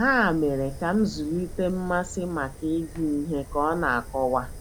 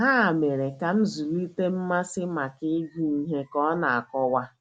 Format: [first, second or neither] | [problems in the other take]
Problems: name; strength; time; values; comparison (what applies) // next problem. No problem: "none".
second | background sound (Fire); 14 dB below the speech